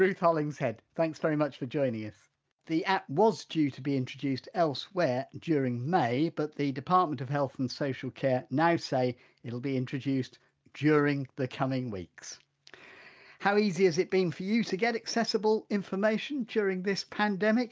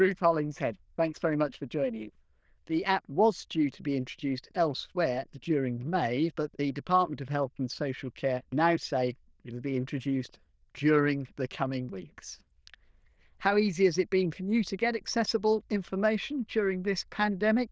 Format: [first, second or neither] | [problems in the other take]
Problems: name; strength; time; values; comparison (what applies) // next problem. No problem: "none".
first | noise reduction (neural diffusion model UNIVERSE++)